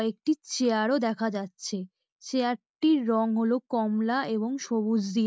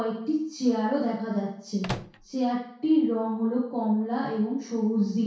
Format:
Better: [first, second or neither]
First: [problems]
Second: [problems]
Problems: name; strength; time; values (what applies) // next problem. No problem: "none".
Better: first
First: none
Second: background sound (Microwave oven); 9 dB below the speech // room echo; dies away in 0.6 s